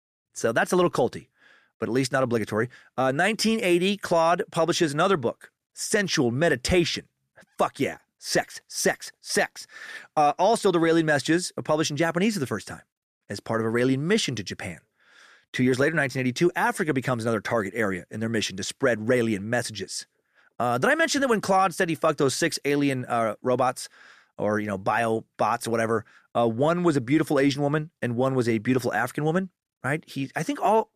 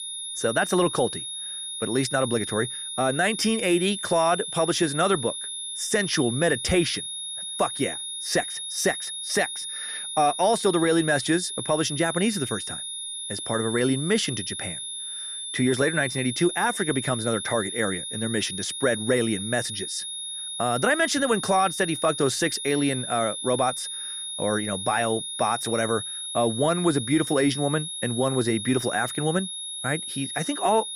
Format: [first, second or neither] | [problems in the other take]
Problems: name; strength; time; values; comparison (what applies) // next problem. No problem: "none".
first | high-pitched whine; loud; throughout; 3.5 kHz, 6 dB below the speech